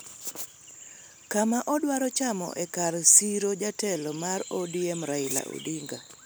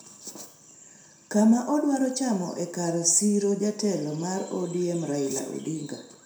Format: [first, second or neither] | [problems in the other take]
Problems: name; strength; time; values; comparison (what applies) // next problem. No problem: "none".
first | room echo; dies away in 0.6 s